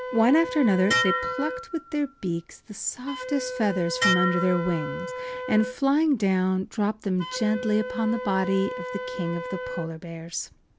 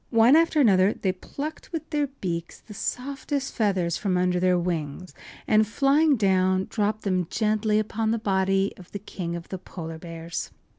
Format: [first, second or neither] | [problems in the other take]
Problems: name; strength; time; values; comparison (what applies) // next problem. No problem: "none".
second | background sound (Dishes, pots, and pans + Wind instrument, woodwind instrument); 6 dB below the speech